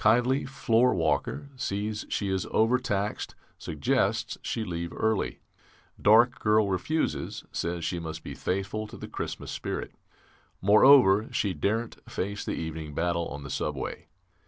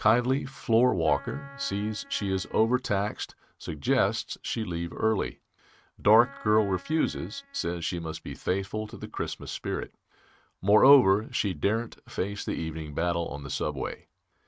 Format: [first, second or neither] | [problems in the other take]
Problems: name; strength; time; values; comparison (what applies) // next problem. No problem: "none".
first | noise reduction (neural mask model RNNoise)